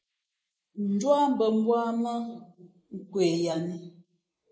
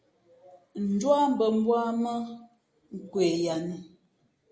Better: second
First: noise reduction (neural mask model Resemble Enhance denoiser)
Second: none

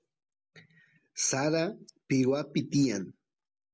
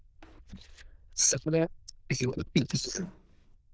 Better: first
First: none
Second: noise reduction (neural diffusion model UNIVERSE++)

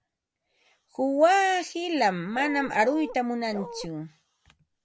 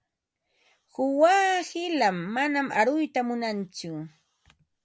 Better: second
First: background sound (Bark); 11 dB below the speech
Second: none

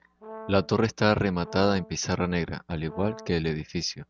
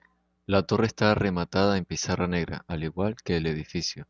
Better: second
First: background sound (Brass instrument); 18 dB below the speech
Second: none

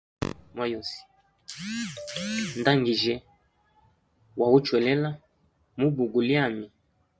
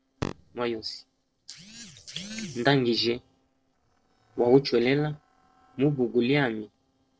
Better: first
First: none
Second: noise reduction (neural separator model SepFormer DNS4)

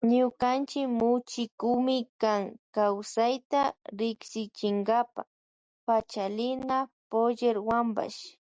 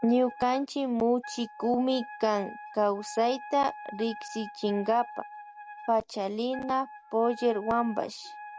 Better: first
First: none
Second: background sound (Wind instrument, woodwind instrument); 16 dB below the speech

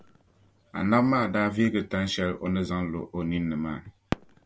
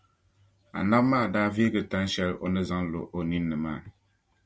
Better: second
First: background sound (Fireworks); 16 dB below the speech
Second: none

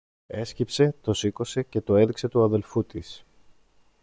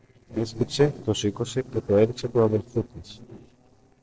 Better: first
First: none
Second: noise reduction (neural separator model SepFormer DNS4)

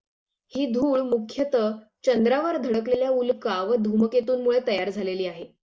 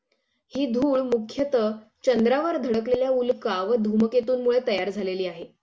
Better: second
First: noise reduction (neural mask model Resemble Enhance denoiser)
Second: none

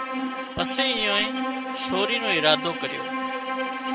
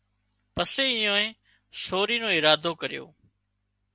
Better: second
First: background sound (Bowed string instrument); 2 dB below the speech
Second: none

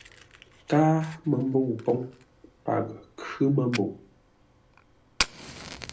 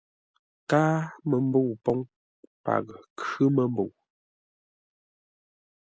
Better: second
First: background sound (Fire); 12 dB below the speech // room echo; dies away in 0.3 s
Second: none

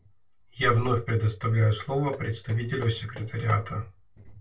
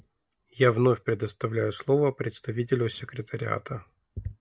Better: second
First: noise reduction (neural separator model SepFormer DNS4)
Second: none

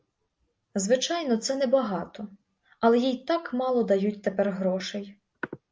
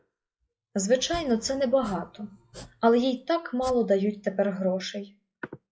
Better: first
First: none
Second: noise reduction (classical method log-MMSE)

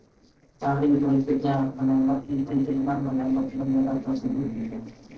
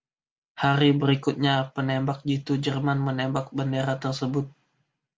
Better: second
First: noise reduction (neural separator model SepFormer DNS4)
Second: none

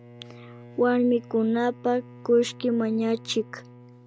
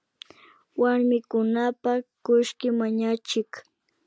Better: second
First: background sound (Bowed string instrument); 20 dB below the speech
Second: none

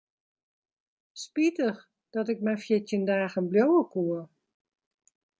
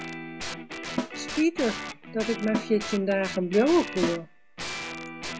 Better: first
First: none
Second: background sound (Snare drum + Guitar); 7 dB below the speech

